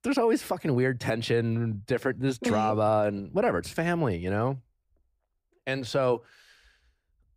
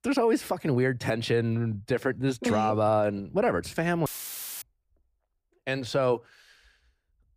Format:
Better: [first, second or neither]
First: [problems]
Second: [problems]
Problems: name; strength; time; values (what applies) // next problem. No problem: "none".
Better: first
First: none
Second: audio cutting out; filled with static; at 4 s for 0.5 s